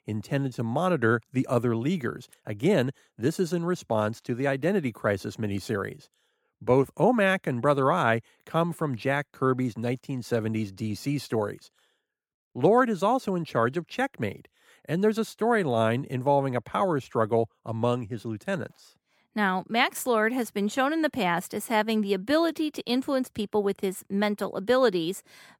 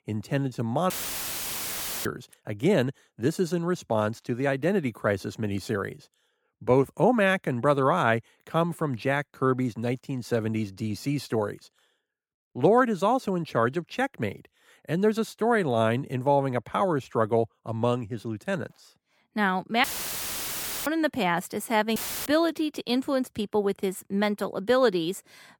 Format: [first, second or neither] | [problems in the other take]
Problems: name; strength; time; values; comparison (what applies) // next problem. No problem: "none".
first | audio cutting out; filled with static; at 1 s for 1 s, at 20 s for 1 s and at 22 s